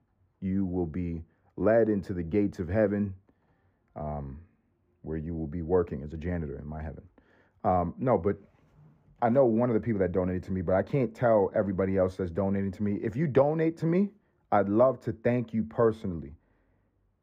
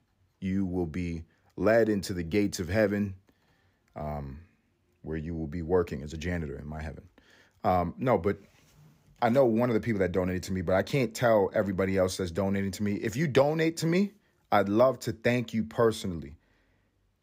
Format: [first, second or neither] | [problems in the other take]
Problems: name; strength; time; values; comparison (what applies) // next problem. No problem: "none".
second | muffled; very; fading above 2.5 kHz